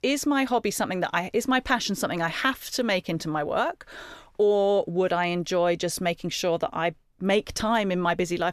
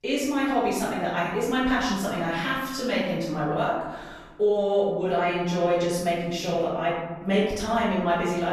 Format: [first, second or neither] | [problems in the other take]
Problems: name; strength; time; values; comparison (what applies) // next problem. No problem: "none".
first | off-mic speech; far // room echo; noticeable; dies away in 1.2 s